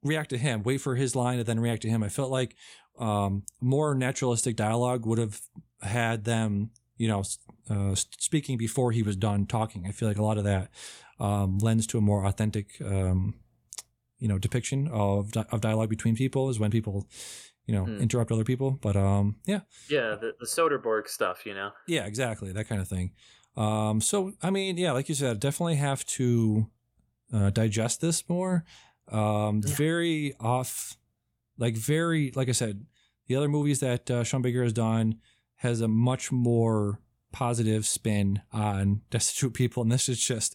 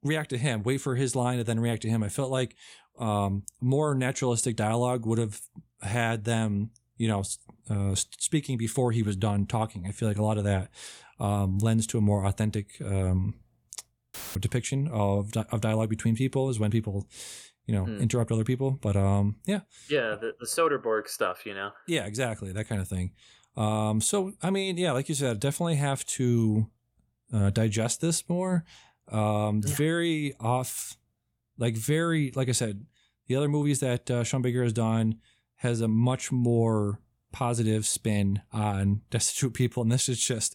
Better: first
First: none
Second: audio cutting out; filled with static; at 14 s

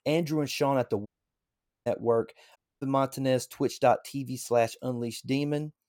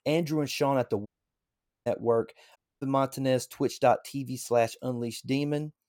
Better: neither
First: audio cutting out; at 1 s for 1 s and at 2.5 s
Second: audio cutting out; at 1 s for 1 s and at 2.5 s

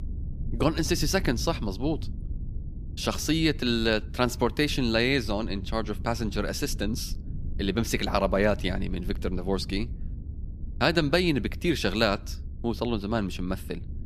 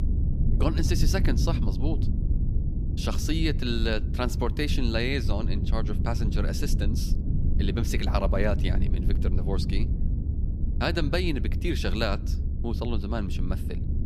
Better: first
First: low rumble; faint; throughout; 25 dB below the speech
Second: low rumble; loud; throughout; 9 dB below the speech

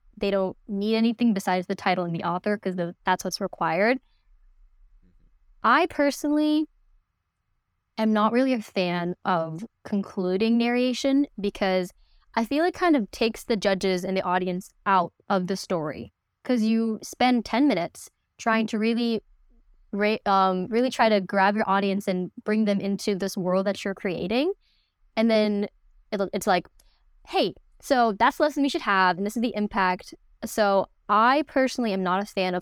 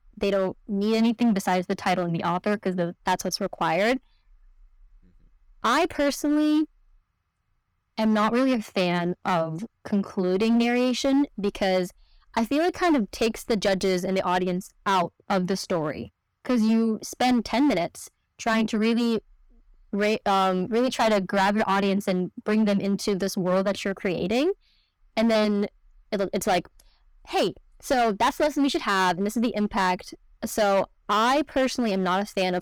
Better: first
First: none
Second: distortion; slight; 9% of the sound clipped

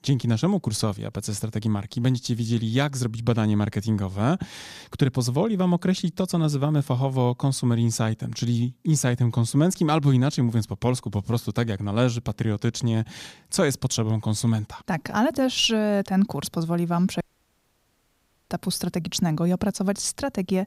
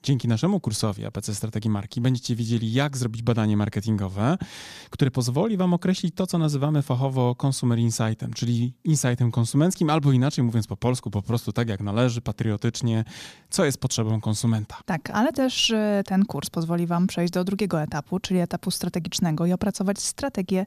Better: second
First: audio cutting out; at 17 s for 1.5 s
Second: none

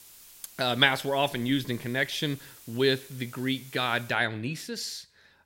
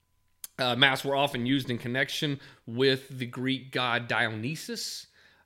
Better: second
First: hiss; faint; until 4 s; 20 dB below the speech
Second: none

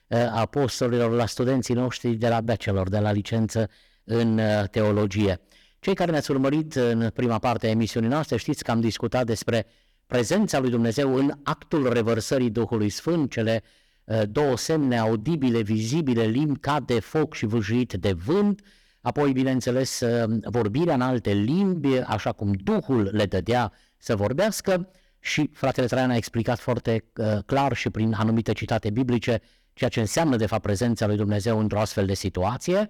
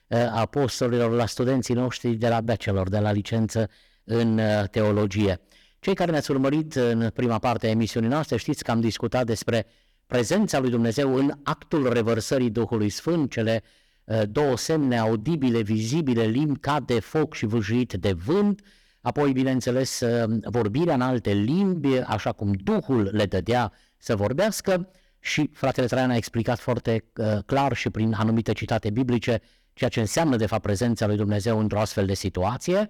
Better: neither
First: distortion; slight; 10% of the sound clipped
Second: distortion; slight; 10% of the sound clipped

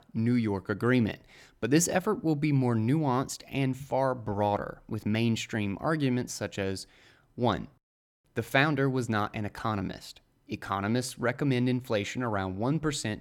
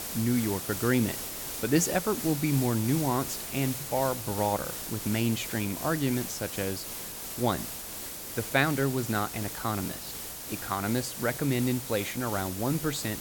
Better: first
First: none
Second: hiss; loud; throughout; 6 dB below the speech

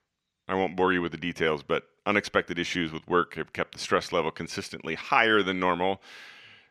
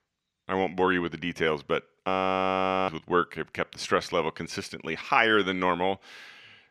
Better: first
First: none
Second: audio freezing; at 2 s for 1 s

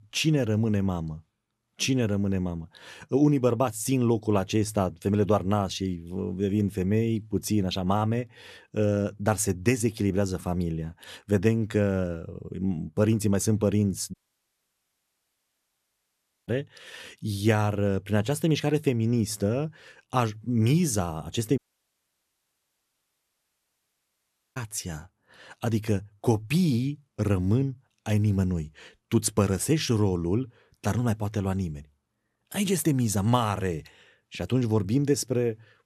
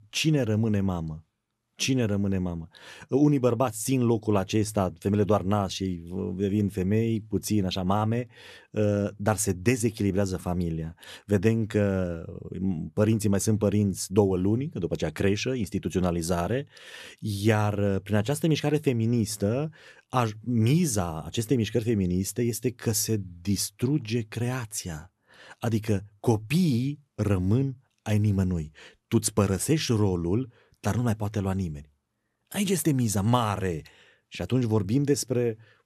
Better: second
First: audio cutting out; at 14 s for 2.5 s and at 22 s for 3 s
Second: none

